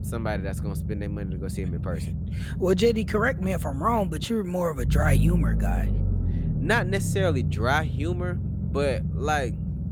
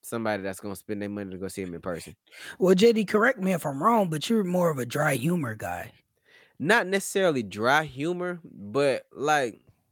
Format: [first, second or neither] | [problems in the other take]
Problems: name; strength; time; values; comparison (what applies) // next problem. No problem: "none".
second | low rumble; noticeable; throughout; 10 dB below the speech